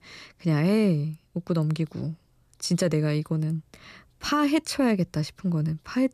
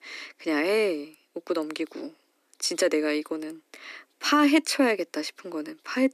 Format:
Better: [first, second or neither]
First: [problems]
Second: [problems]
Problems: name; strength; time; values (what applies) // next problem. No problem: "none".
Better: first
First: none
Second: thin; somewhat; fading below 250 Hz